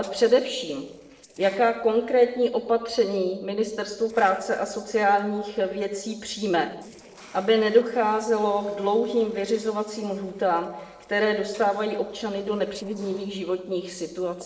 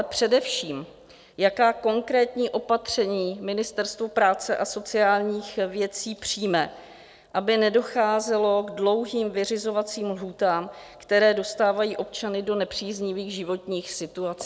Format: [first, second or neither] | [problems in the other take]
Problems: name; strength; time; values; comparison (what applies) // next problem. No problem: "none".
second | noise reduction (neural separator model SepFormer DNS4)